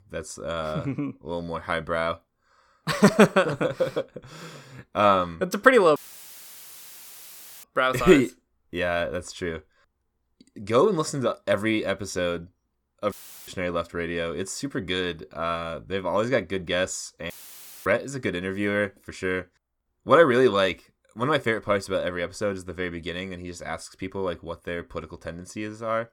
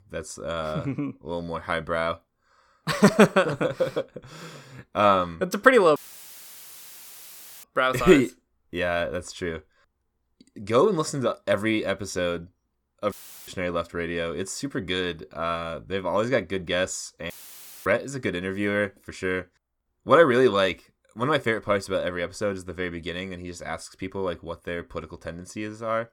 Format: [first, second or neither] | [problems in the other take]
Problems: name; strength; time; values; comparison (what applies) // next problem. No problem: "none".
neither | audio cutting out; filled with static; at 6 s for 1.5 s, at 13 s and at 17 s for 0.5 s; the same in both